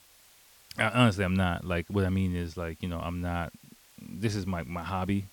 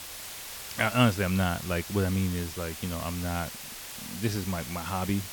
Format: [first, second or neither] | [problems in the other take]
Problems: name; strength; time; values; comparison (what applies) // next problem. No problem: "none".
first | hiss; loud; throughout; 9 dB below the speech; faint in the first